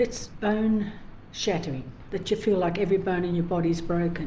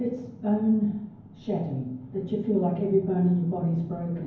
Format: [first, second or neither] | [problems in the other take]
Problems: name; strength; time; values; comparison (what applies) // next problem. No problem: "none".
first | room echo; dies away in 0.9 s